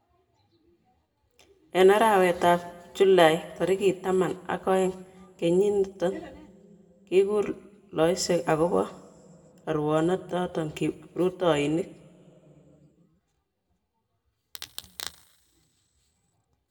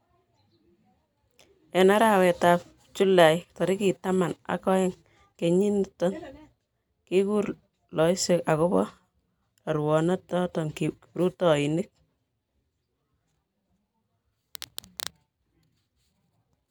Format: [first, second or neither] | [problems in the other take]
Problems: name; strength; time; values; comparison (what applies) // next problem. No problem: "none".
second | room echo; dies away in 1.5 s